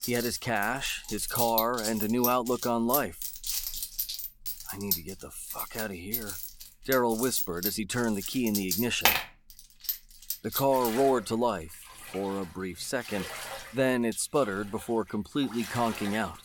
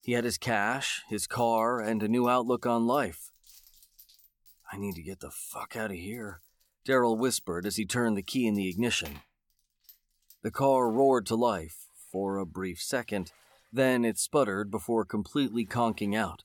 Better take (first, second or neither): second